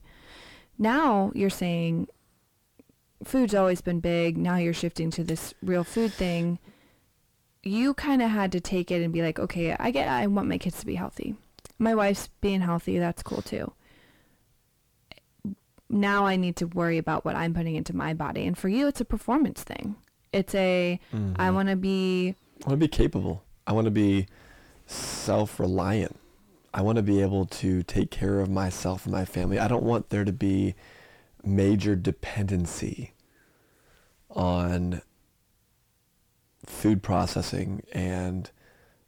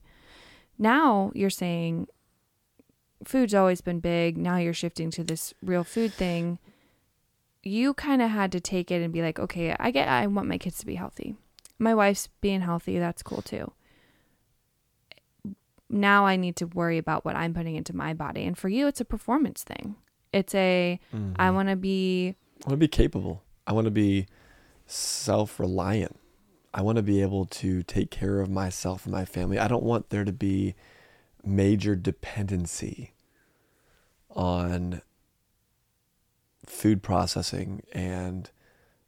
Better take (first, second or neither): second